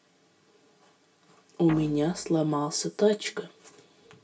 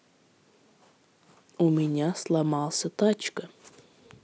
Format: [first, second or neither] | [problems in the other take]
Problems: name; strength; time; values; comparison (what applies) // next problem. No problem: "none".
second | background sound (Guitar); 15 dB below the speech // room echo; dies away in 0.2 s